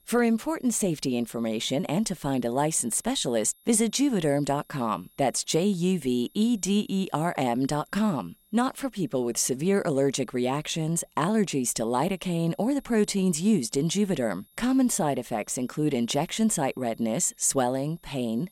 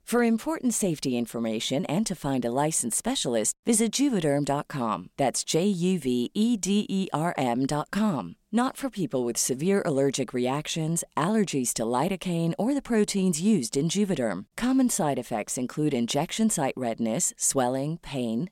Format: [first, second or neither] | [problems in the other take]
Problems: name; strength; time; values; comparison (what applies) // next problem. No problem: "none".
second | high-pitched whine; faint; throughout; 11.5 kHz, 35 dB below the speech